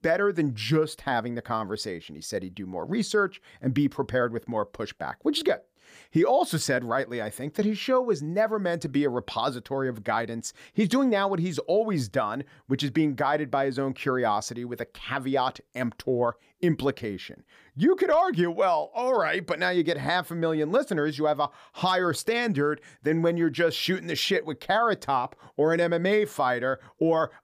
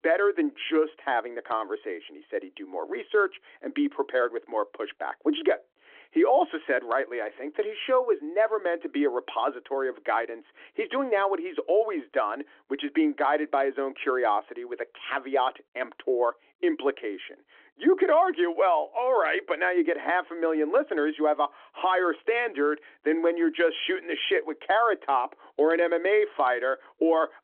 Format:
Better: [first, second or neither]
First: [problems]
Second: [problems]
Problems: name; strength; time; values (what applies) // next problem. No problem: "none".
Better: first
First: none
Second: phone-call audio; nothing above 3.5 kHz